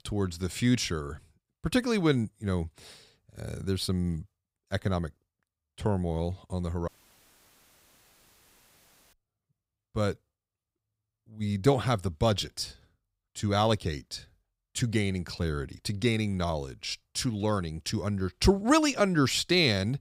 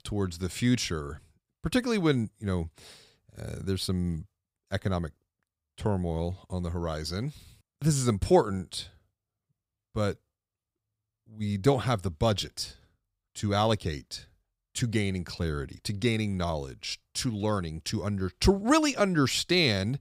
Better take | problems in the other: second | audio cutting out; at 7 s for 2.5 s

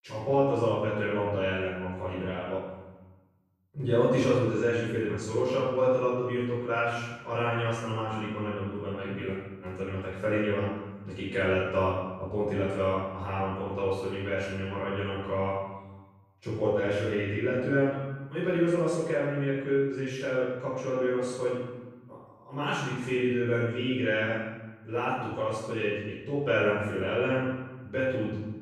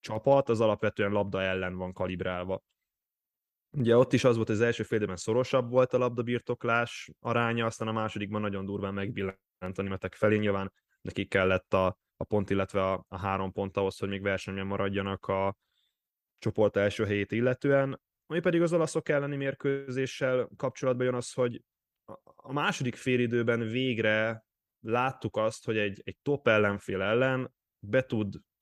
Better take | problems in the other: second | off-mic speech; far // room echo; strong; dies away in 1 s

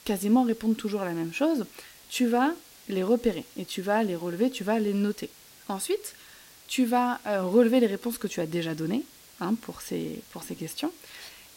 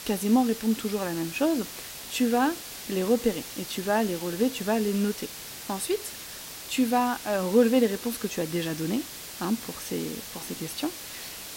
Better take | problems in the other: first | hiss; loud; throughout; 10 dB below the speech; faint in the first

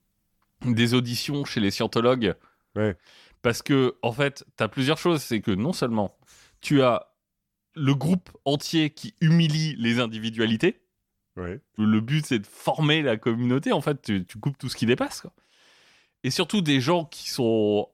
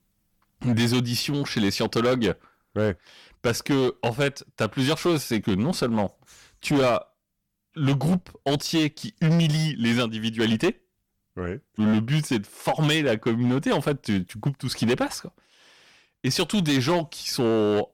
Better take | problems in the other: first | distortion; slight; 10% of the sound clipped

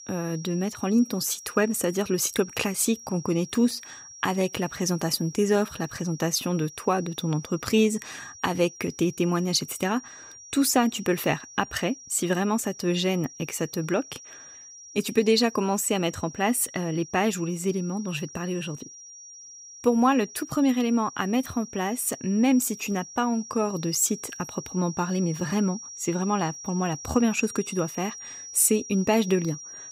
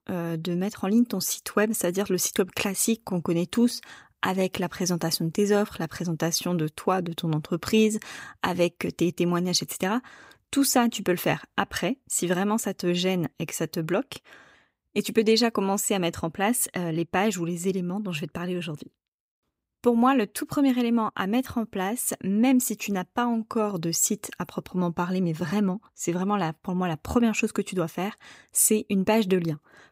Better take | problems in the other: second | high-pitched whine; noticeable; throughout; 5.5 kHz, 15 dB below the speech

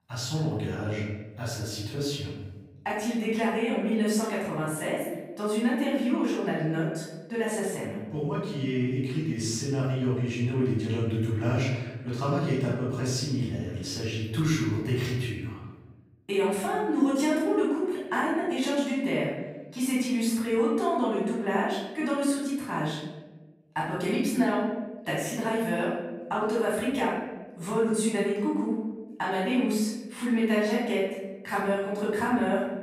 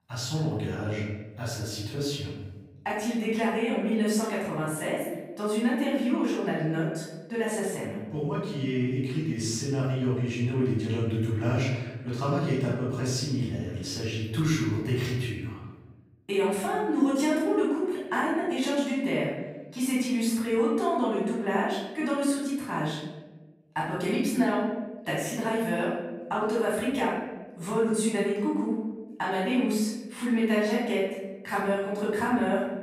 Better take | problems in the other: neither | room echo; noticeable; dies away in 1.1 s; the same in both // off-mic speech; far; the same in both

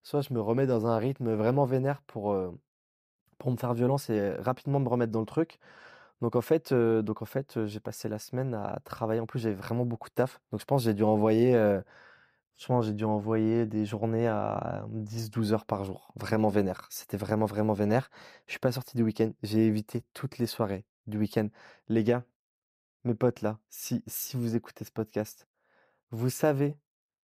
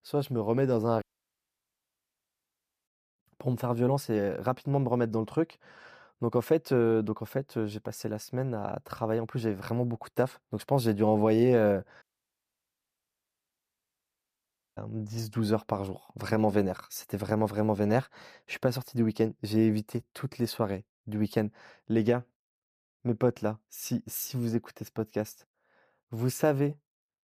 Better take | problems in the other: first | audio cutting out; at 1 s for 2 s and at 12 s for 3 s

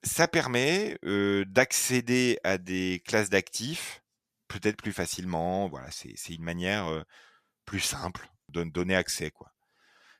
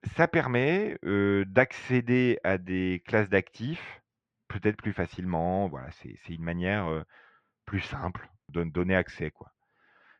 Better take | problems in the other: first | muffled; very; fading above 2.5 kHz

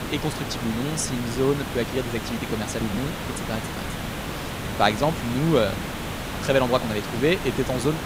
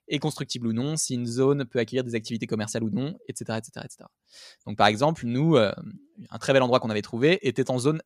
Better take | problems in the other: second | hiss; loud; throughout; 5 dB below the speech

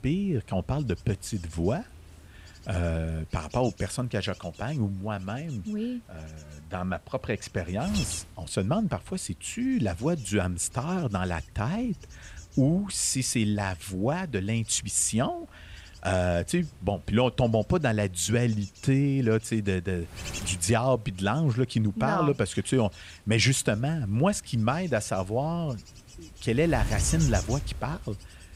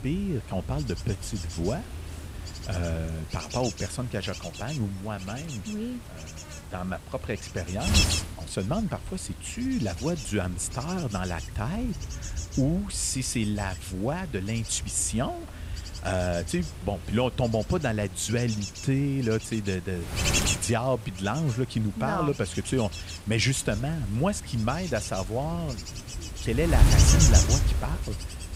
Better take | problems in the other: first | wind noise on the microphone; heavy; 3 dB below the speech; occasional gusts in the first

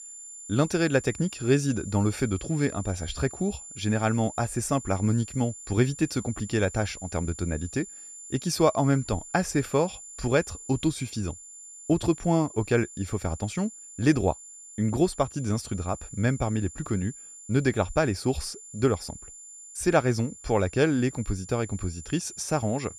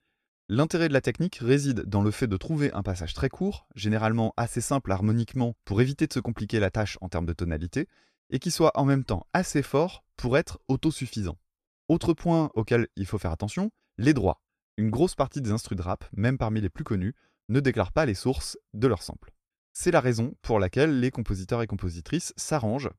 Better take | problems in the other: second | high-pitched whine; noticeable; throughout; 7 kHz, 15 dB below the speech

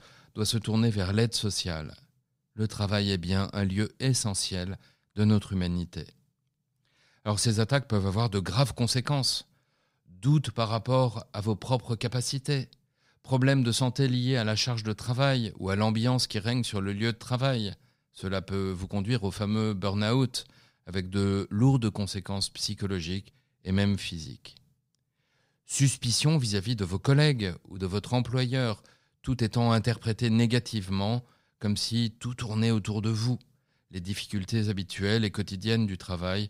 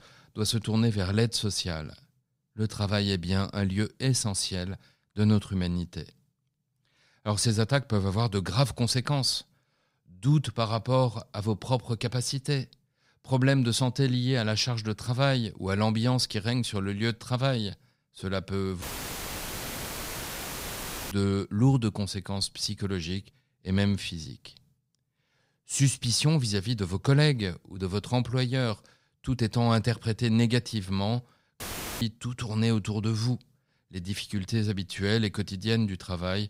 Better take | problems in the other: first | audio cutting out; filled with static; at 19 s for 2.5 s and at 32 s

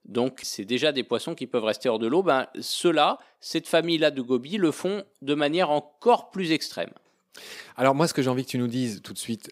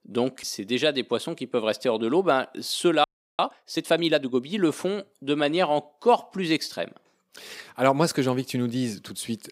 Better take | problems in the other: first | audio freezing; at 3 s

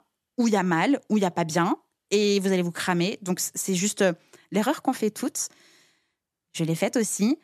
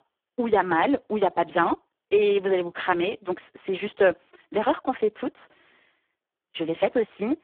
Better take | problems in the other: first | phone-call audio; poor line

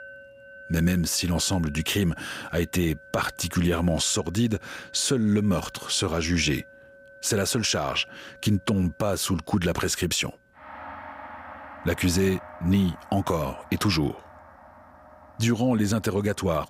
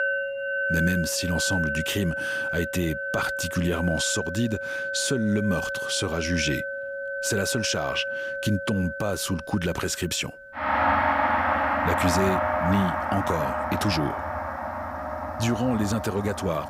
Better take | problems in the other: first | background music; loud; throughout; 1 dB below the speech; faint in the first

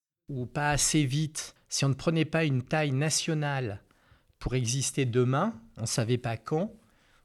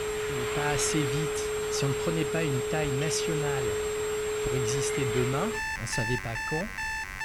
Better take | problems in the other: first | alarms or sirens; very loud; throughout; 2 dB above the speech

